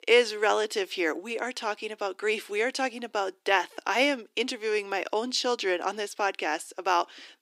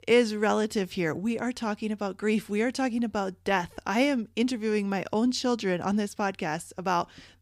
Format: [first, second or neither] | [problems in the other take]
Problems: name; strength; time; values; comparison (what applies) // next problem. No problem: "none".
second | thin; somewhat; fading below 300 Hz